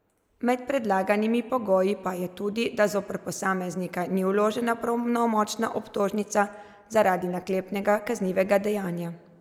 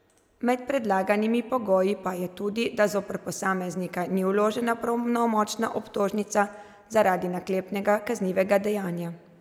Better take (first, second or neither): second